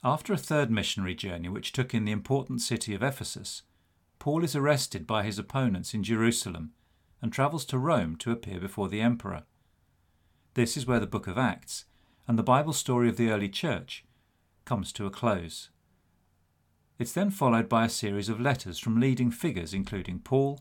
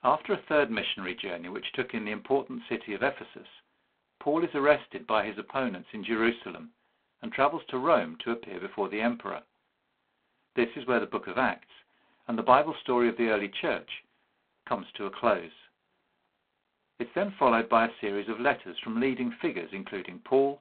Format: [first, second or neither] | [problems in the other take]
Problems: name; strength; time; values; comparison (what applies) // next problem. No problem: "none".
first | phone-call audio; poor line